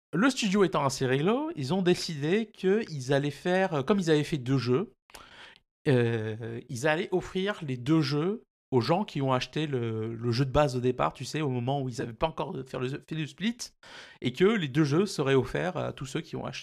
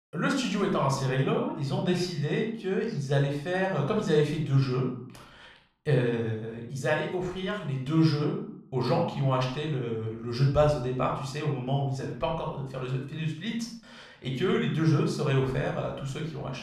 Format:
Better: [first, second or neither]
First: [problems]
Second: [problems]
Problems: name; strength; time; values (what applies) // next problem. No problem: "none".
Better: first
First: none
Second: off-mic speech; somewhat distant // room echo; noticeable; dies away in 0.5 s